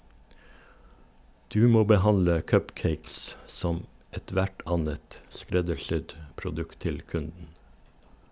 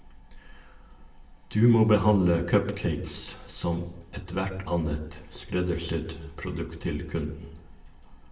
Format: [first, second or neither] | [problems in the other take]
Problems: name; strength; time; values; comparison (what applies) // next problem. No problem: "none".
first | room echo; dies away in 0.6 s